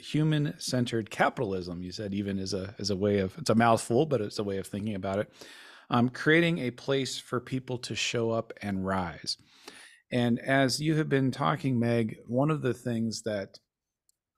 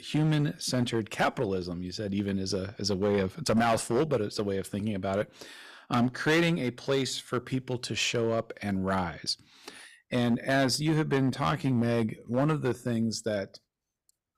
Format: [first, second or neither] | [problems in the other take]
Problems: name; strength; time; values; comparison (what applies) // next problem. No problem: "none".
first | distortion; slight; 5% of the sound clipped